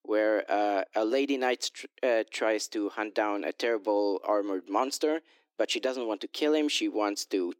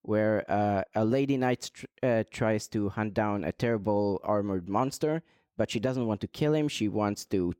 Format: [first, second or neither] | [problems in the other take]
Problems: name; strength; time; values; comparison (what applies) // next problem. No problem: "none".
second | thin; somewhat; fading below 300 Hz